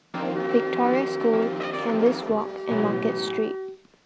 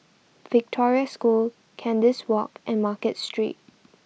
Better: second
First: background sound (Wind instrument, woodwind instrument + Brass instrument); 3 dB below the speech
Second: none

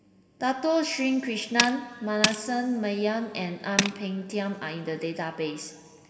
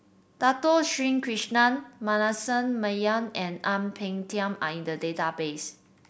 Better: second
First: background sound (Tools); 4 dB below the speech // room echo; dies away in 2.1 s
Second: none

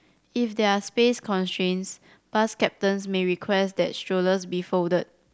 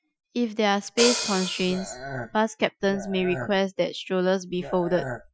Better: first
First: none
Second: noise reduction (classical method Wiener filter)

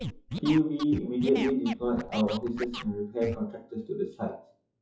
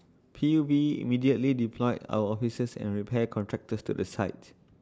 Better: second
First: noise reduction (classical method WPE with log-MMSE)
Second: none

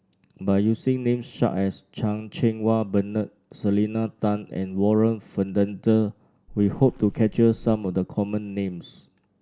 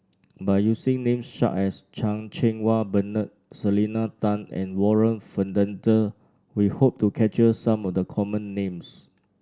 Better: second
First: background sound (Water / Splash, splatter); 19 dB below the speech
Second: none

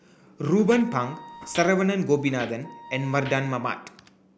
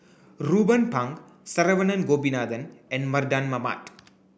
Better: second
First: background sound (Wind instrument, woodwind instrument + Walk, footsteps); 18 dB below the speech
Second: none

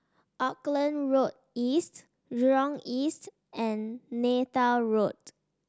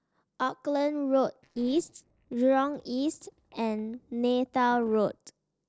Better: first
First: none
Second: noise reduction (neural separator model SepFormer DNS4)

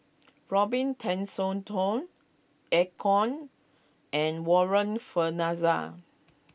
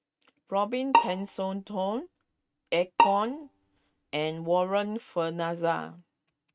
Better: first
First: none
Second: noise reduction (neural mask model RNNoise)

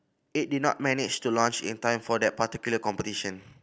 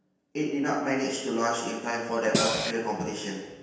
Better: first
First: none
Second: background sound (Cymbal); 3 dB above the speech // room echo; dies away in 1.2 s

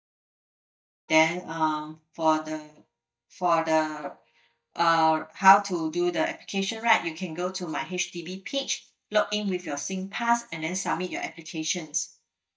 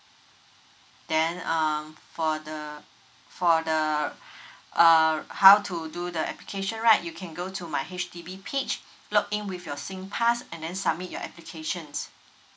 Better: second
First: noise reduction (neural mask model DeepFilterNet 3)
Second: none

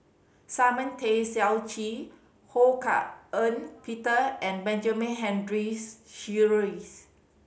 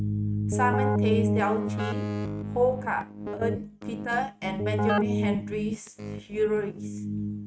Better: first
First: none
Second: noise reduction (neural mask model RNNoise)

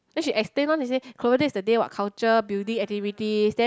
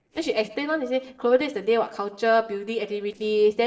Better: first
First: none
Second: noise reduction (neural separator model SepFormer DNS4)

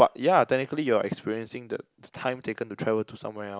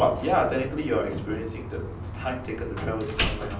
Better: first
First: none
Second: background sound (Slam); 5 dB below the speech // room echo; dies away in 0.6 s

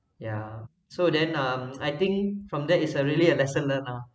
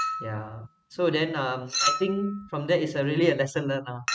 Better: first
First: none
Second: noise reduction (neural mask model RNNoise)

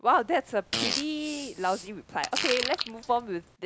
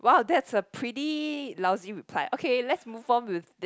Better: second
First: background sound (Fart); 6 dB below the speech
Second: none

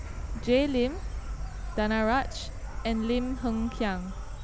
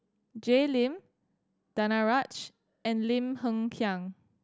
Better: second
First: background sound (Insect); 5 dB below the speech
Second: none

